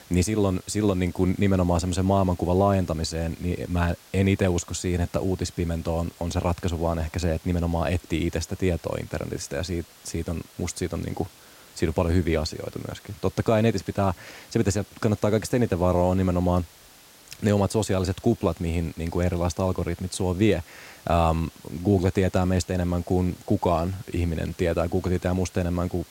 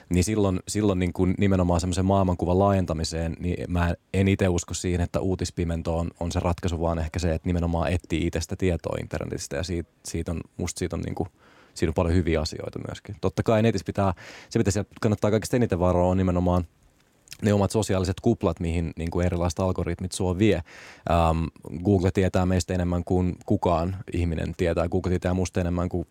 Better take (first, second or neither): second